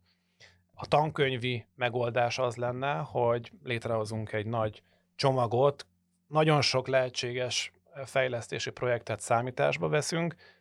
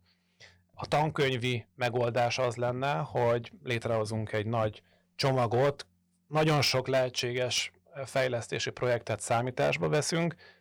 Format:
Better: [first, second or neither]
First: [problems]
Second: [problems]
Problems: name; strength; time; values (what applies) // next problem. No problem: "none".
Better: first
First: none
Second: distortion; slight; 5% of the sound clipped